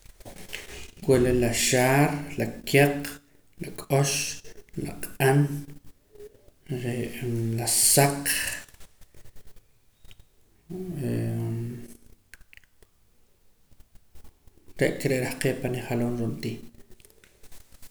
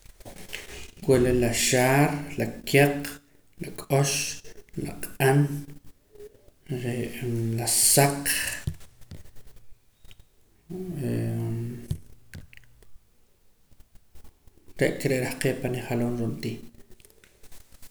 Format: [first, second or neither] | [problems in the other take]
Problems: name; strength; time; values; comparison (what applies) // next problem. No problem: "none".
first | background sound (Raindrop / Drip); 12 dB below the speech